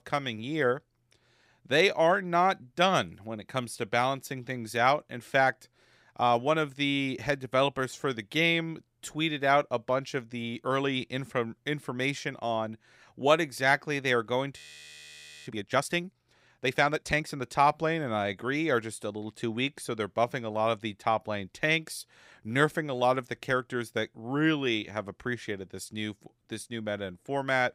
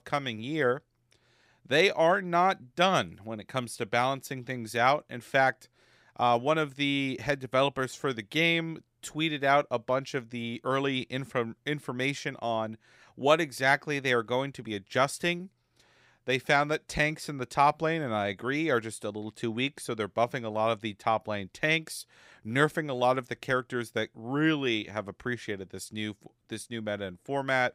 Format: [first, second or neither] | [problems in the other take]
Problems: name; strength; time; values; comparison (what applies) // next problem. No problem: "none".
second | audio freezing; at 15 s for 1 s